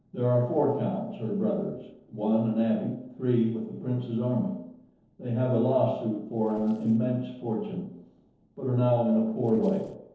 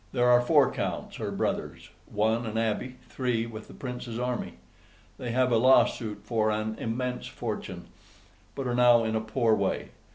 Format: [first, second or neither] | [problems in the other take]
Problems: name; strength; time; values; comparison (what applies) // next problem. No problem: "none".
second | noise reduction (neural separator model SepFormer DNS4)